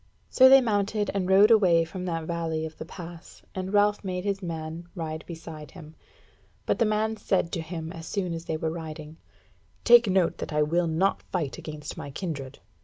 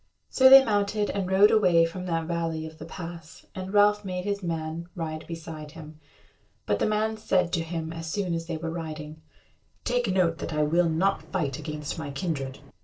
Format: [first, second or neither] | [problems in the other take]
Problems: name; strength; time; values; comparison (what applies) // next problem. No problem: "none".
first | noise reduction (neural separator model SepFormer DNS4)